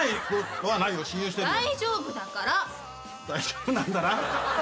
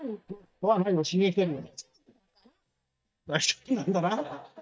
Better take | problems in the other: first | noise reduction (neural mask model DeepFilterNet 3)

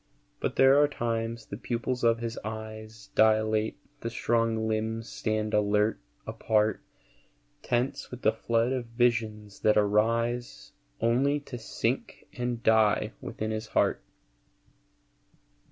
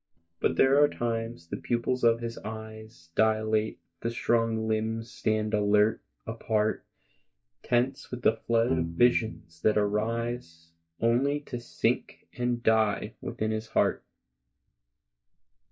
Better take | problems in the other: first | noise reduction (neural mask model DeepFilterNet 3)

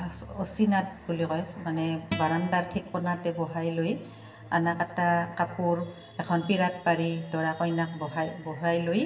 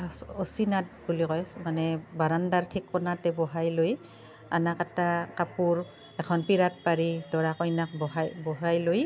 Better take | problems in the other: second | background sound (Acoustic guitar); 14 dB below the speech // room echo; dies away in 0.9 s

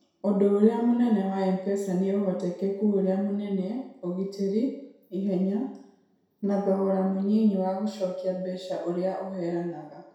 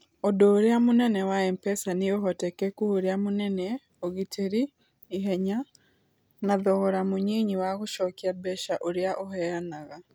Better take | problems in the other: second | room echo; dies away in 0.7 s

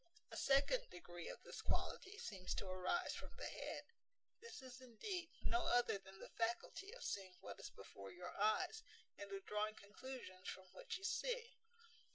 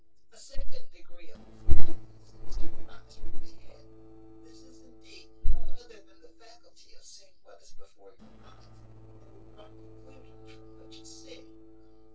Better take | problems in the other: first | noise reduction (neural separator model SepFormer DNS4)

